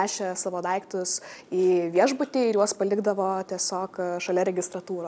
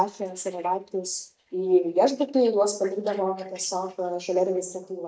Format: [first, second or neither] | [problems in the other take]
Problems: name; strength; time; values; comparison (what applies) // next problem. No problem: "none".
first | noise reduction (neural mask model DeepFilterNet 3)